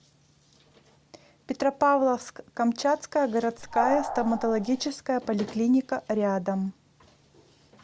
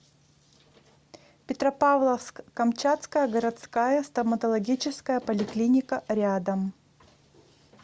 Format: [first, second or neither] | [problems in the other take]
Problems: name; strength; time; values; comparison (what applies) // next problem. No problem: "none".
second | background sound (Animal); 5 dB below the speech